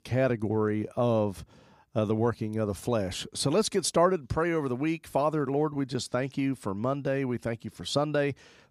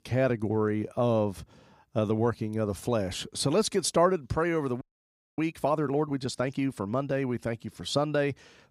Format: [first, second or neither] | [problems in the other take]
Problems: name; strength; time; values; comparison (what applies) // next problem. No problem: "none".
first | audio freezing; at 5 s for 0.5 s